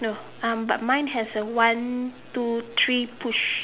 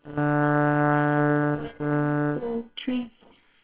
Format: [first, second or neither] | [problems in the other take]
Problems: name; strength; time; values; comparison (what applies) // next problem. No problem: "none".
first | noise reduction (neural separator model SepFormer WHAMR!)